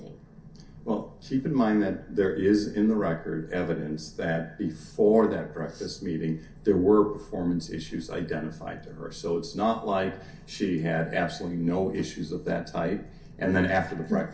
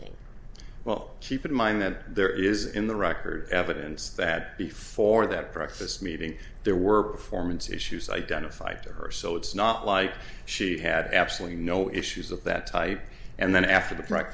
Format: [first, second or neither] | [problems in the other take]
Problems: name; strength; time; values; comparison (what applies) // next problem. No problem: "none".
second | room echo; dies away in 0.3 s